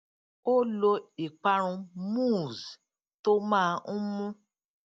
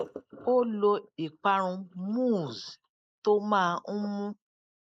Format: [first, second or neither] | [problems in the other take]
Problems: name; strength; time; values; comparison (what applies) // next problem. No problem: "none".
first | noise reduction (neural mask model Resemble Enhance denoiser)